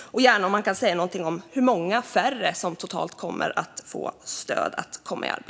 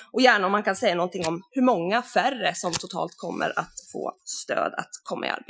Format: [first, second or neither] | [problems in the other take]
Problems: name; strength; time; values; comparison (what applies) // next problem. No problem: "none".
first | noise reduction (classical method Wiener filter)